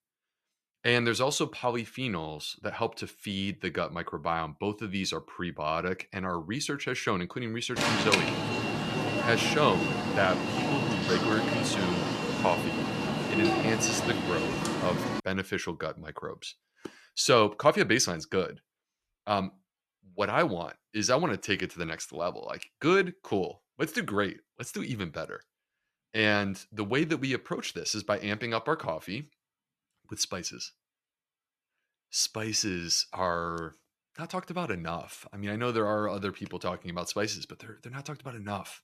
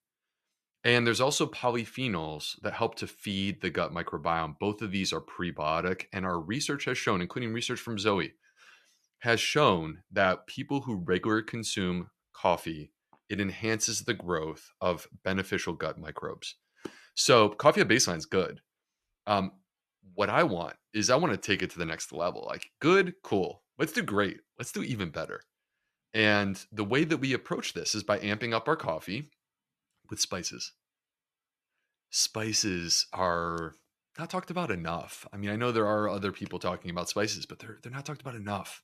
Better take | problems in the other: second | alarm; loud; from 8 to 15 s; peak 6 dB above the speech

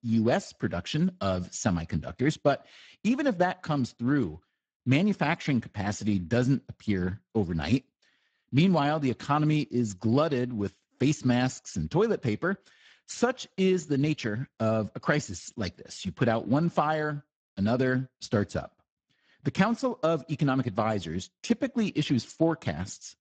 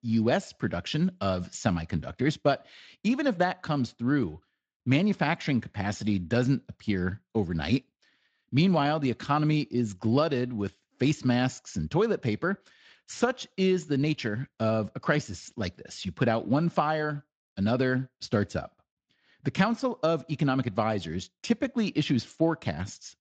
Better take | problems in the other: second | garbled, watery; badly; nothing above 7.5 kHz; slightly in the second

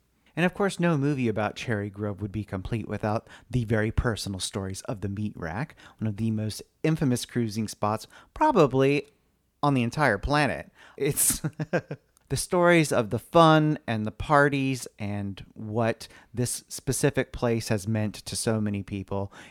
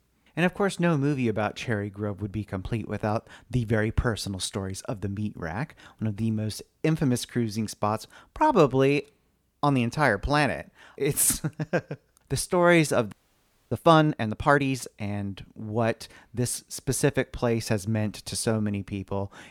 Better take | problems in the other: first | audio freezing; at 13 s for 0.5 s

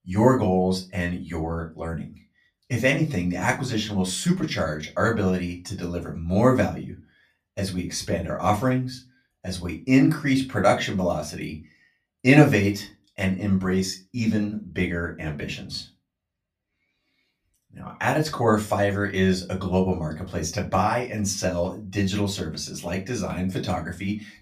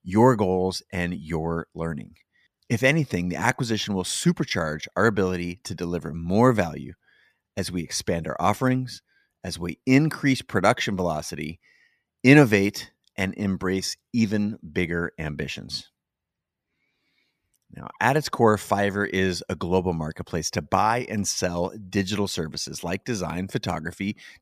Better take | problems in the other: second | off-mic speech; far // room echo; very slight; dies away in 0.2 s

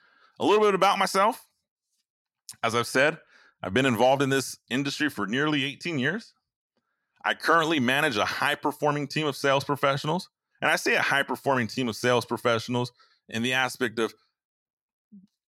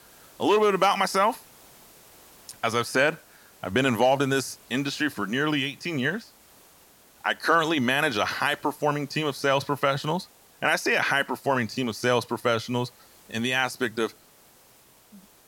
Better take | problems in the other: first | hiss; faint; throughout; 25 dB below the speech

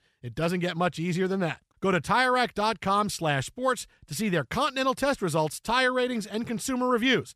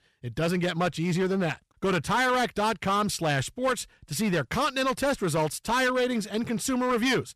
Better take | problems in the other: first | distortion; slight; 11% of the sound clipped

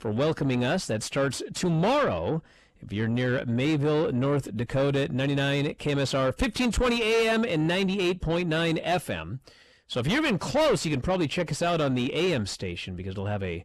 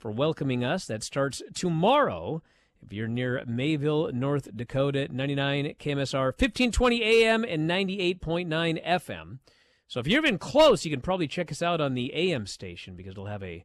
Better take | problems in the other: second | distortion; heavy; 7 dB below the speech

